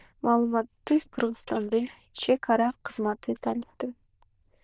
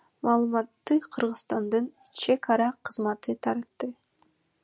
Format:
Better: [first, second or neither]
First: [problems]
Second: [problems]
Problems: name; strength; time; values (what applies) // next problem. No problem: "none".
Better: second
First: noise reduction (neural diffusion model UNIVERSE++)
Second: none